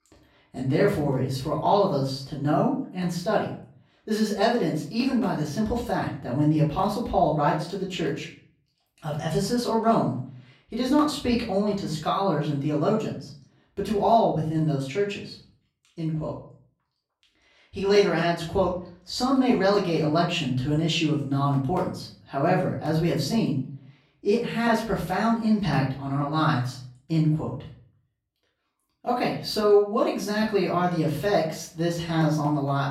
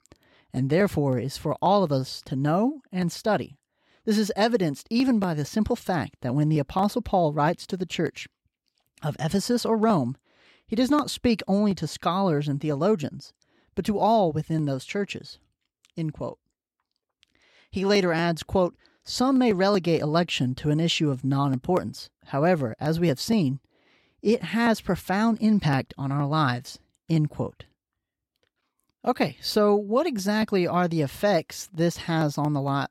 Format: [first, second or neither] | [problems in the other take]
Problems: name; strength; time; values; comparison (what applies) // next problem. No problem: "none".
second | room echo; slight; dies away in 0.4 s // off-mic speech; far